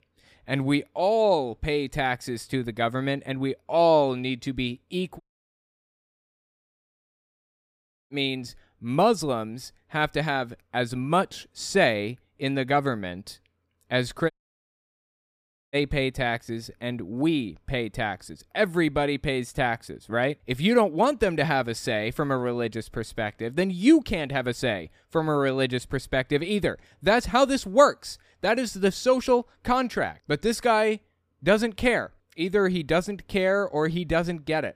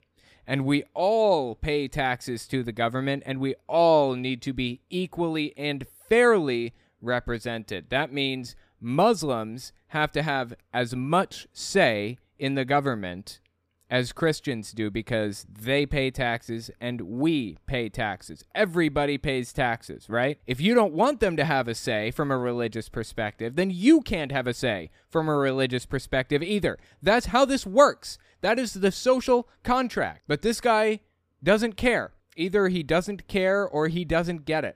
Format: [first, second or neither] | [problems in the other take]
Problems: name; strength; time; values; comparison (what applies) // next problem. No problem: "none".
second | audio cutting out; at 5 s for 3 s and at 14 s for 1.5 s